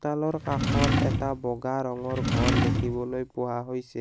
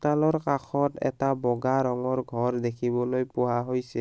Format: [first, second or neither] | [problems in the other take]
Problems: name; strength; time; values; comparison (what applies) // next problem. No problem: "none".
second | background sound (Drawer open or close); 3 dB above the speech